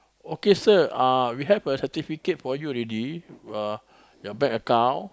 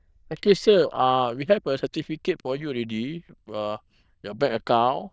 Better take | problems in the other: first | noise reduction (neural diffusion model UNIVERSE++)

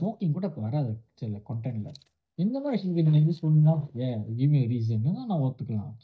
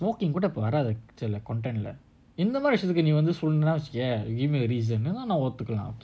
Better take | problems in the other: second | noise reduction (neural mask model DeepFilterNet 3)

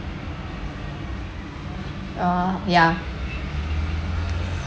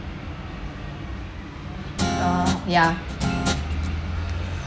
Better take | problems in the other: first | background sound (Guitar); 1 dB below the speech

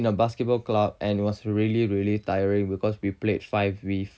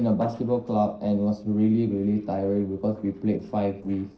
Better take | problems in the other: first | noise reduction (neural separator model SepFormer DNS4)

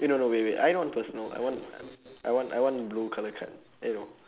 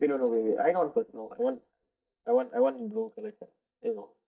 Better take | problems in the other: first | noise reduction (neural mask model DeepFilterNet 3)

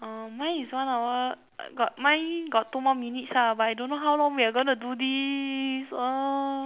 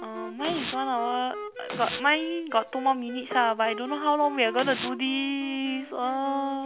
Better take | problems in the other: first | background sound (Wind instrument, woodwind instrument + Domestic sounds, home sounds); 11 dB below the speech

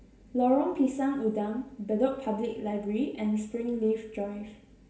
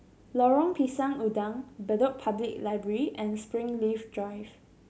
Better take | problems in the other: second | room echo; dies away in 0.7 s

